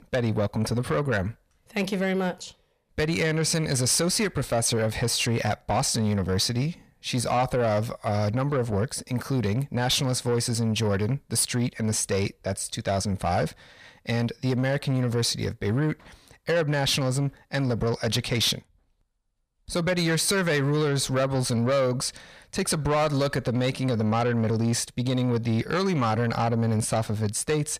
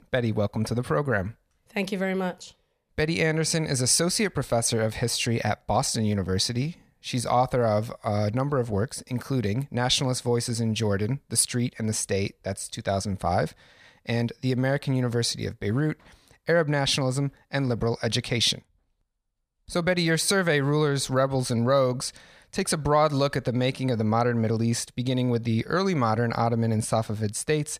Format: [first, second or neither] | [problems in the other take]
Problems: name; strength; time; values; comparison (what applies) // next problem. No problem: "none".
second | distortion; slight; 10 dB below the speech